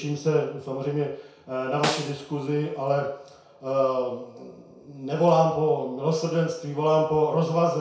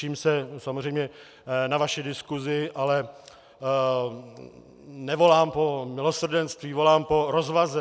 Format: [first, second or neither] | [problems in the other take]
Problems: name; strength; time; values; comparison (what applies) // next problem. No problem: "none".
second | background sound (Snare drum); 9 dB below the speech // room echo; dies away in 0.6 s